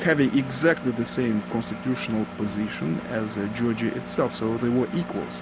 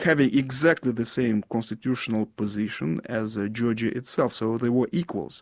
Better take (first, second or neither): second